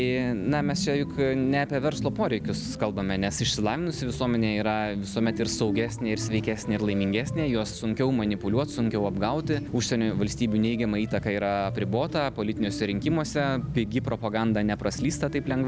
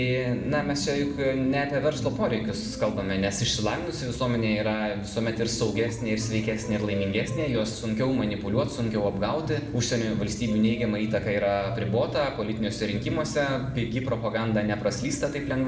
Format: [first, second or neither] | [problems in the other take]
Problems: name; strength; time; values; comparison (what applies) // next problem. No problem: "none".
first | room echo; dies away in 0.7 s